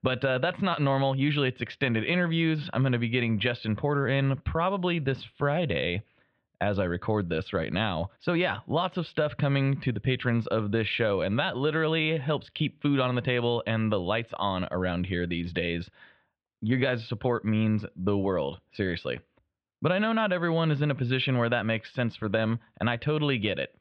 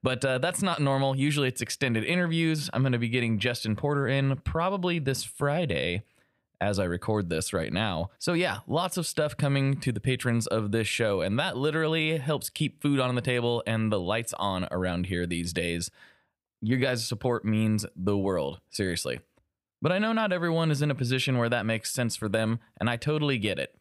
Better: second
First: muffled; very; fading above 3.5 kHz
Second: none

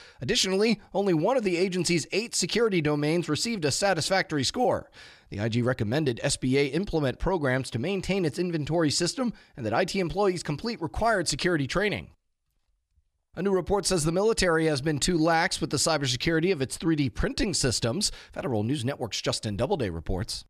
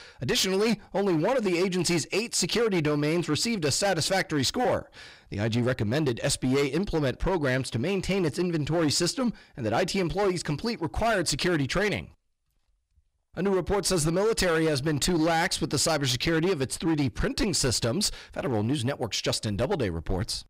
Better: first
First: none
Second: distortion; slight; 12% of the sound clipped

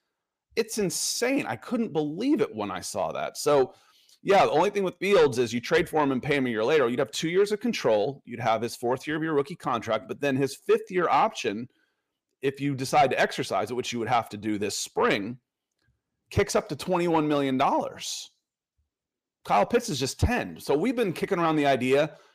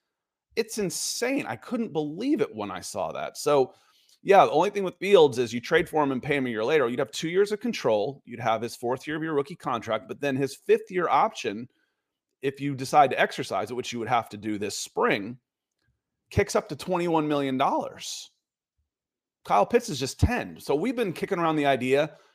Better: second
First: distortion; slight; 10 dB below the speech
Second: none

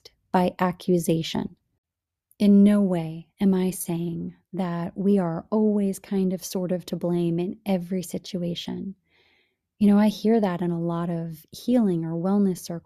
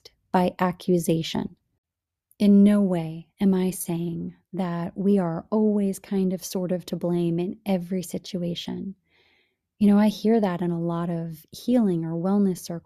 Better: neither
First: none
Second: none

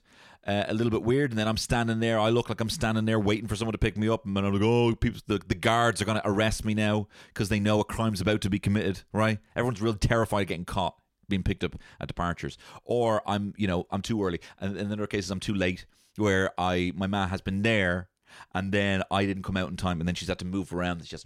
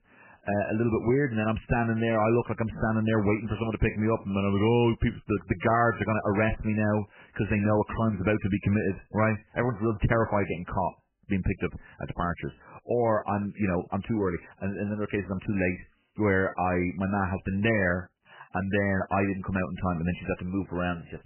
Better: first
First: none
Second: garbled, watery; badly; nothing above 3 kHz

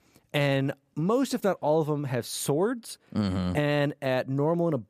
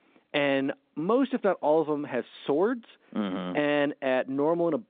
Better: first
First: none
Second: phone-call audio; nothing above 3.5 kHz

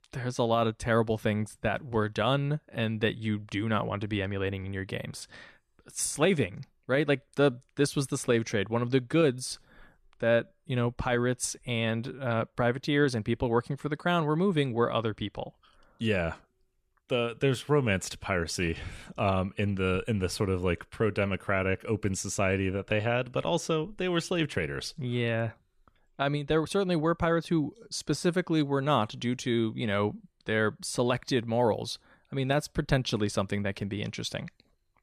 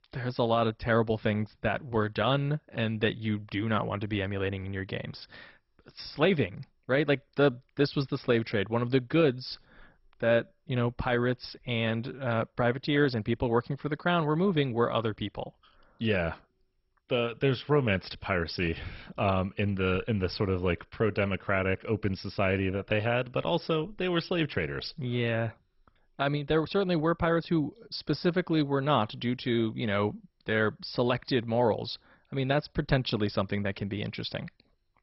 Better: first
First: none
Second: garbled, watery; badly; nothing above 5.5 kHz

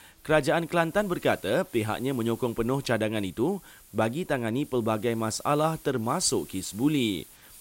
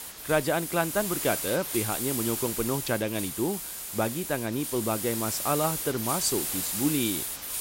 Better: first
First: hiss; faint; throughout; 20 dB below the speech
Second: hiss; loud; throughout; 2 dB below the speech

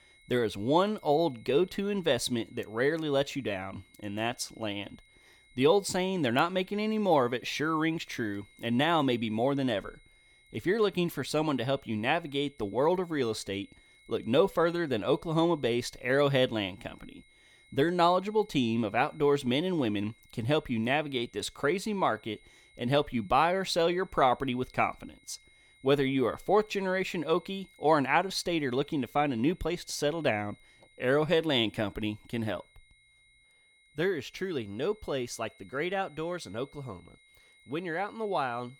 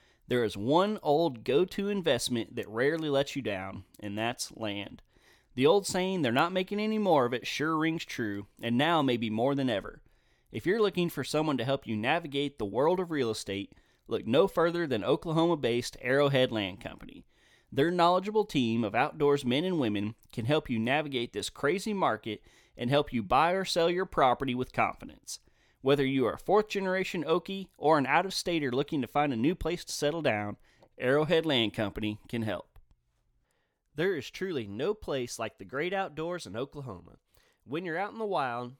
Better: second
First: high-pitched whine; faint; throughout; 2 kHz, 30 dB below the speech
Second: none

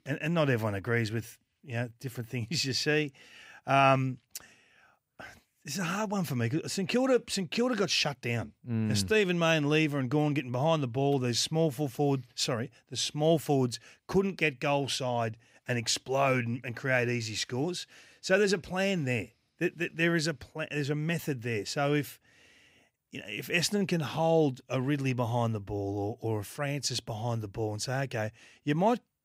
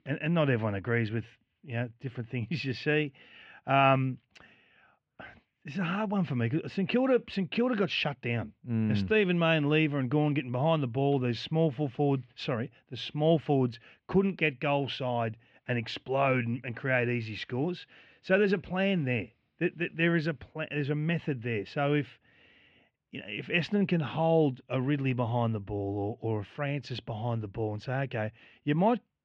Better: first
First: none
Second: muffled; very; fading above 3 kHz

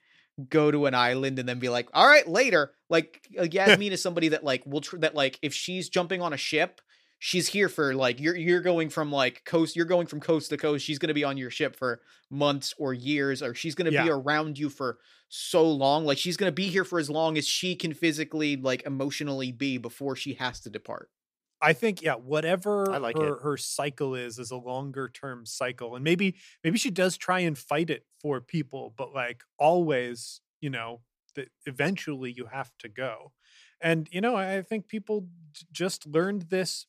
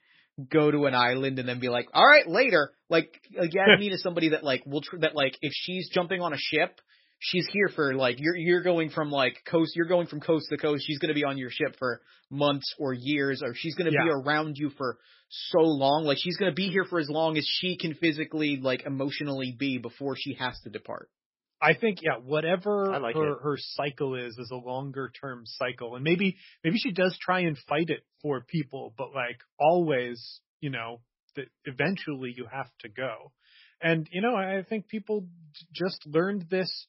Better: first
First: none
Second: garbled, watery; badly; nothing above 5.5 kHz

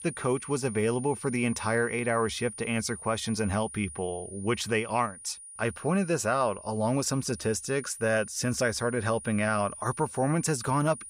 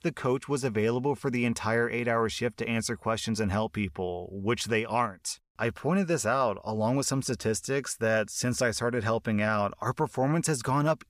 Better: second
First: high-pitched whine; noticeable; throughout; 9.5 kHz, 15 dB below the speech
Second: none

